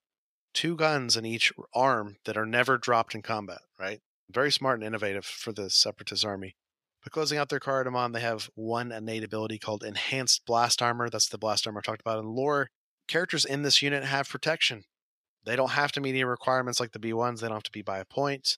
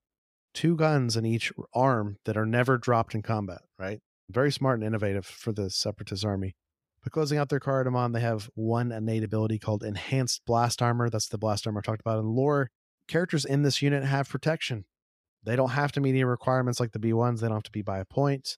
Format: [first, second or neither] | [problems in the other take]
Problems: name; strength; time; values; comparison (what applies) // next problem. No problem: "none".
second | thin; somewhat; fading below 1 kHz